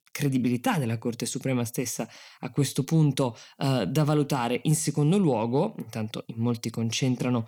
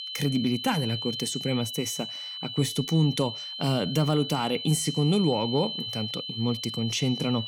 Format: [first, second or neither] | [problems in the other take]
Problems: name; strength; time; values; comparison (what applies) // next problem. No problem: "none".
first | high-pitched whine; loud; throughout; 3 kHz, 6 dB below the speech